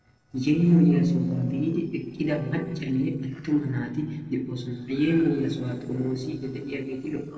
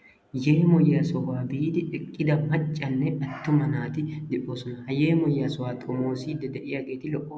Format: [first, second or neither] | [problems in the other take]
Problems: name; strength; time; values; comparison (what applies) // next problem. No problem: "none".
second | noise reduction (neural separator model SepFormer DNS4)